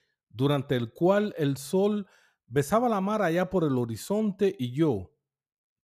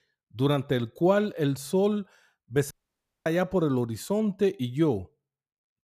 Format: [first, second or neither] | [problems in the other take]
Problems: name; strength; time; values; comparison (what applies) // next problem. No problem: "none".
first | audio cutting out; at 2.5 s for 0.5 s